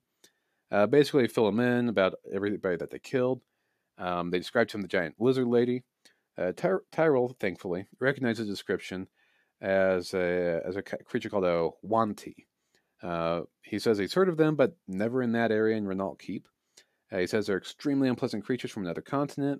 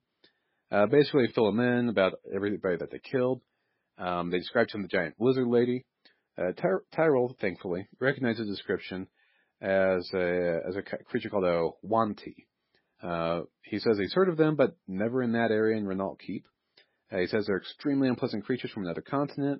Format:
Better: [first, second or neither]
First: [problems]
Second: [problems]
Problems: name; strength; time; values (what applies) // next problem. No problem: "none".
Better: first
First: none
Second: garbled, watery; badly; nothing above 5 kHz